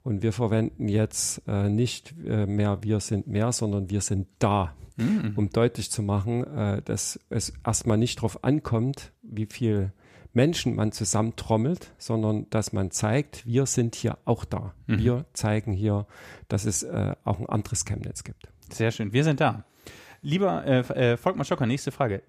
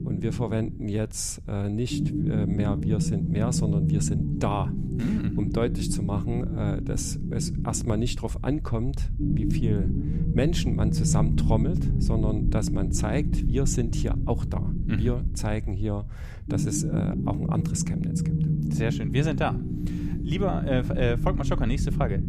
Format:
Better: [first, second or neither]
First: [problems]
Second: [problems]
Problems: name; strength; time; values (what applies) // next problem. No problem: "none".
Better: first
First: none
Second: low rumble; loud; throughout; 4 dB below the speech